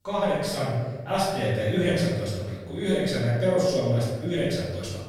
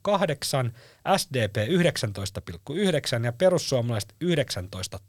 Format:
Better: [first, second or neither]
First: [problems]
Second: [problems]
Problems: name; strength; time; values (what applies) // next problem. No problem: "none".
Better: second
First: room echo; strong; dies away in 1.4 s // off-mic speech; far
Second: none